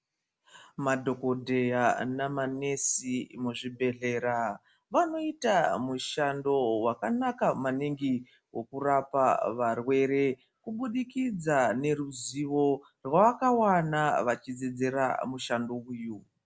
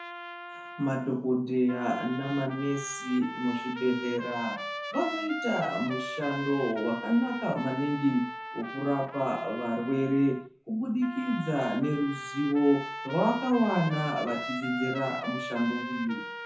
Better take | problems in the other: first | background sound (Trumpet); 9 dB below the speech // room echo; dies away in 0.6 s

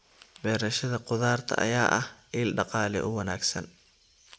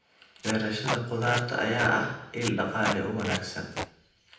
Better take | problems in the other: first | background sound (Packing tape, duct tape); 7 dB below the speech // room echo; dies away in 0.8 s

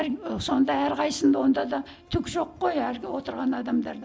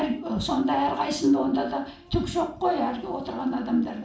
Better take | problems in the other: first | room echo; dies away in 0.4 s

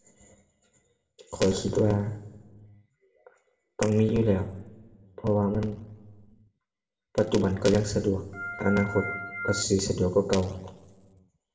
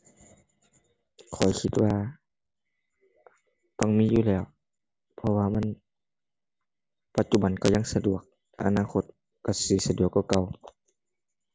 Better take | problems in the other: second | background sound (Organ); 6 dB below the speech // room echo; dies away in 0.8 s

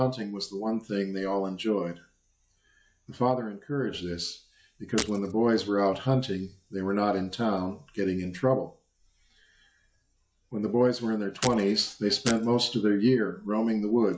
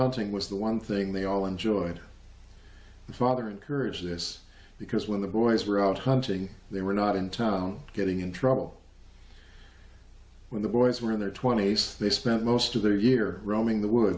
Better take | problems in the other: second | noise reduction (classical method log-MMSE)

